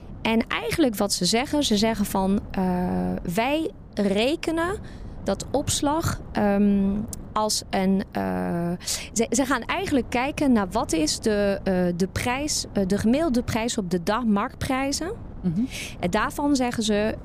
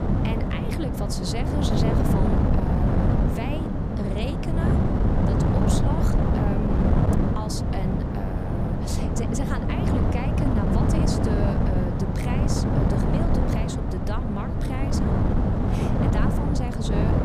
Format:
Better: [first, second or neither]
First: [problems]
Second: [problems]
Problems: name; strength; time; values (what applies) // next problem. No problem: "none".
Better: first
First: wind noise on the microphone; occasional gusts; 25 dB below the speech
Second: wind noise on the microphone; heavy; 5 dB above the speech